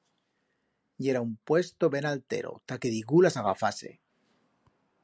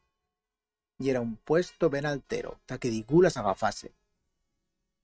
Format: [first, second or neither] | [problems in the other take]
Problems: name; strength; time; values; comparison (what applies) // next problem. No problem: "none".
first | noise reduction (neural mask model RNNoise)